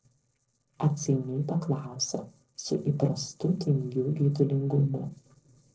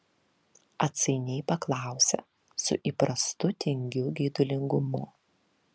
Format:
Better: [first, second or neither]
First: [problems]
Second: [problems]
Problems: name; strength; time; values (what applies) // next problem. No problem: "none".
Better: second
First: noise reduction (neural separator model SepFormer DNS4)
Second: none